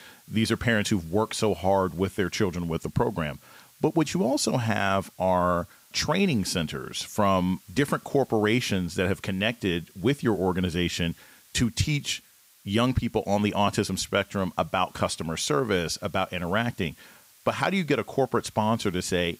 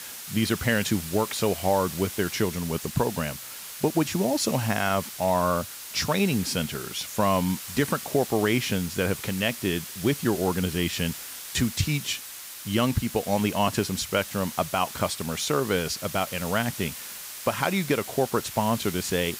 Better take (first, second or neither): first